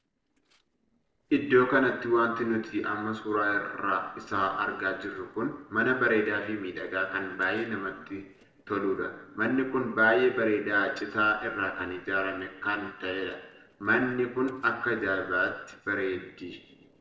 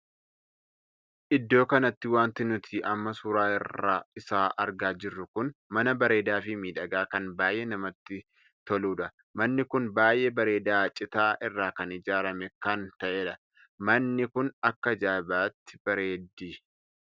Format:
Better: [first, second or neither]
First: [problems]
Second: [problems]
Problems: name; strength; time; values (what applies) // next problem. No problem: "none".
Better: second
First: noise reduction (neural separator model SepFormer DNS4)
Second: none